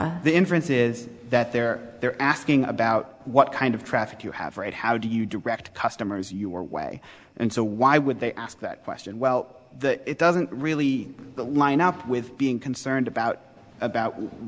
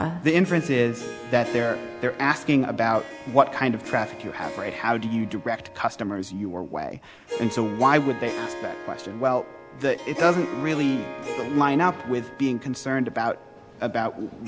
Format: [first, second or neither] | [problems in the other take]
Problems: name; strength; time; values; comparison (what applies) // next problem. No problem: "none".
first | background sound (Harp); 12 dB below the speech